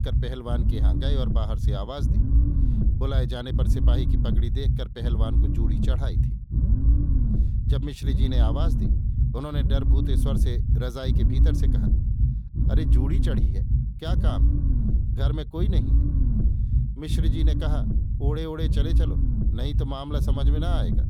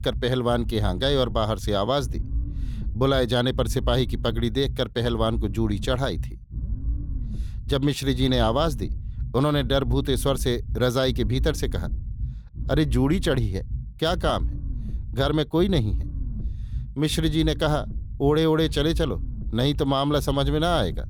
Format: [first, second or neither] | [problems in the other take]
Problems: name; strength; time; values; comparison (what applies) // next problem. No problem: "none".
second | low rumble; loud; throughout; 3 dB below the speech; faint in the second